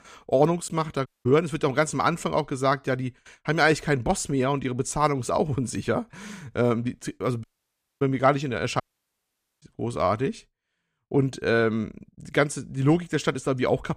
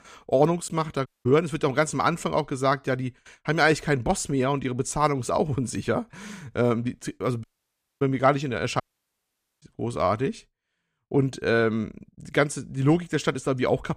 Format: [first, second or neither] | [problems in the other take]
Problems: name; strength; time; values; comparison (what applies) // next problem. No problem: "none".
neither | audio cutting out; at 1 s, at 7.5 s for 0.5 s and at 9 s for 1 s; the same in both